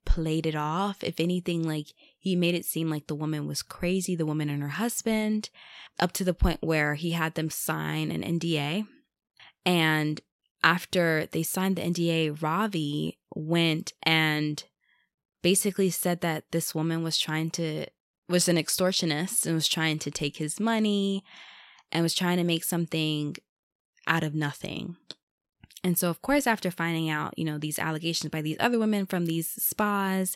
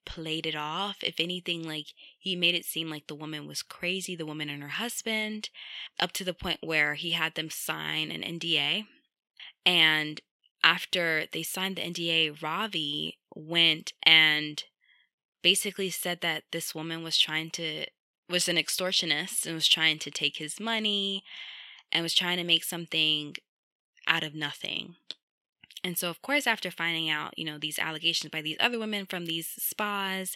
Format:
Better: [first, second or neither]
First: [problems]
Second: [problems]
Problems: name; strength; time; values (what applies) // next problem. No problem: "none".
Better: first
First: none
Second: thin; very slightly; fading below 350 Hz